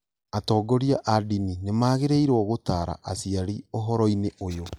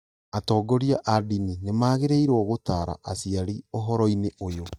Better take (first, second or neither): first